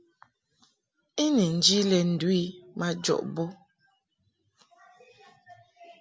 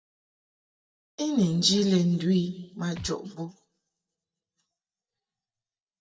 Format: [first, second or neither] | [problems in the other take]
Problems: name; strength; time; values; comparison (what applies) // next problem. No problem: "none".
first | noise reduction (neural mask model DeepFilterNet 3)